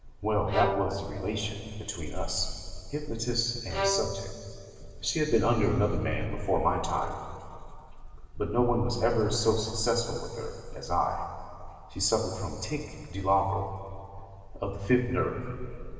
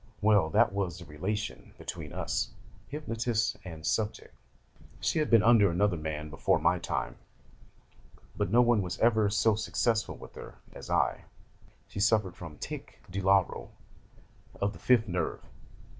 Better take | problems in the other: second | background sound (Bowed string instrument); 7 dB below the speech // room echo; dies away in 2.6 s

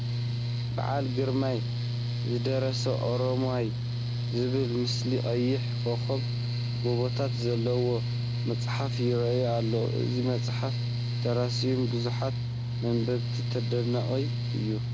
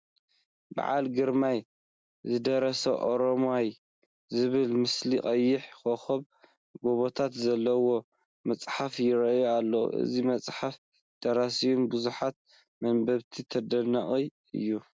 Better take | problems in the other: second | background sound (Mechanical fan); 2 dB above the speech

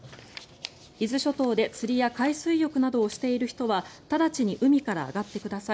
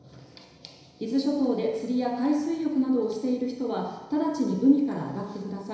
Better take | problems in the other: first | room echo; dies away in 1 s

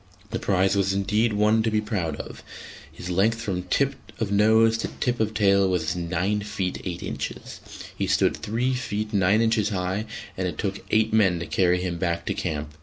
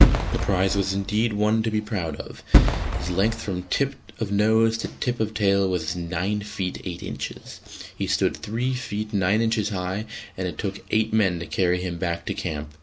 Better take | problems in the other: first | background sound (Fireworks); 4 dB above the speech

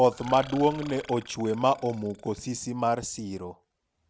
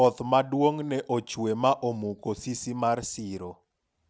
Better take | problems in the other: second | background sound (Burping, eructation); 19 dB below the speech

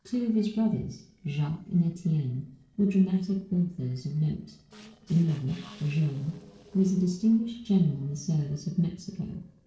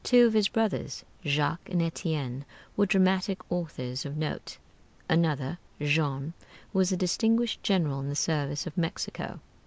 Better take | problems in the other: second | noise reduction (neural separator model SepFormer DNS4)

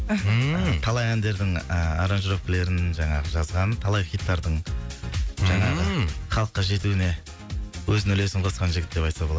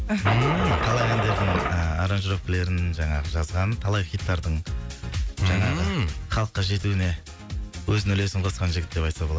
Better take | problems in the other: first | background sound (Engine starting / Car); 2 dB below the speech

